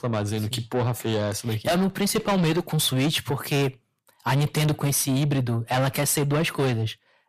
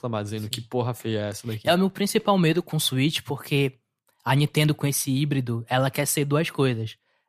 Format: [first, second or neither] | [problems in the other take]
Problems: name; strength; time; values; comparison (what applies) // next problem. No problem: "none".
second | distortion; heavy; 7 dB below the speech